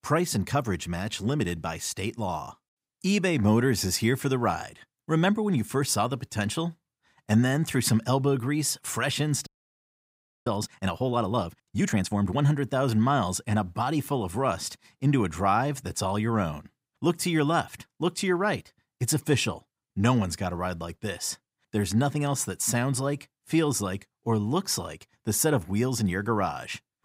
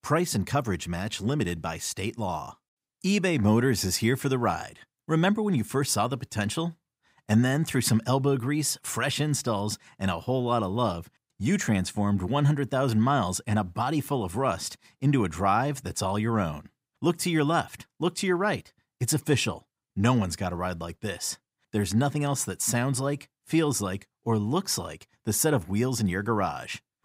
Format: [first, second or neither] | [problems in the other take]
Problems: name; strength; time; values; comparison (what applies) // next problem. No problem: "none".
second | audio freezing; at 9.5 s for 1 s